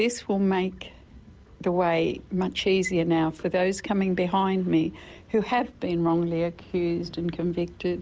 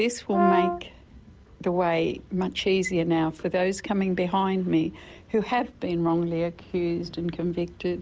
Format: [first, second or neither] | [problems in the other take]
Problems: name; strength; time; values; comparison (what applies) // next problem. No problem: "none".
first | background sound (Brass instrument); as loud as the speech